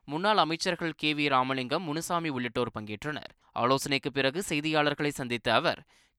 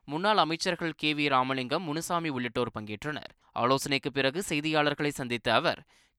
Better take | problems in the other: neither | none

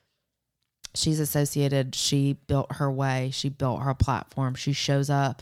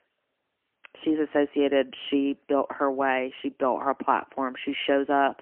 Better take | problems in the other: first | phone-call audio; poor line; nothing above 3 kHz

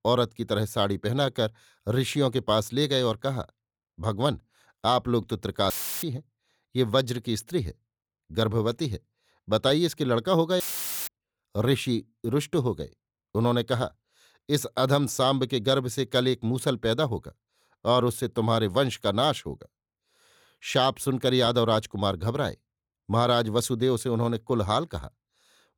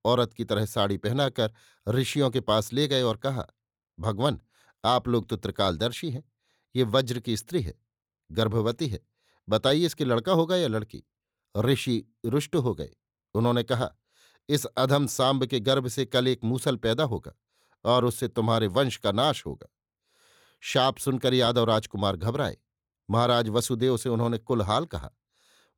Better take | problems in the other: second | audio cutting out; filled with static; at 5.5 s and at 11 s

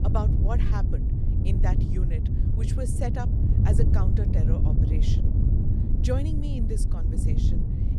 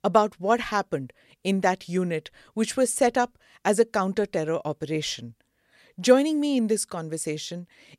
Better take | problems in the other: second | wind noise on the microphone; heavy; as loud as the speech

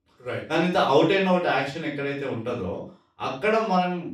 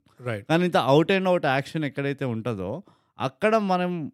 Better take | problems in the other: second | room echo; noticeable; dies away in 0.3 s // off-mic speech; far

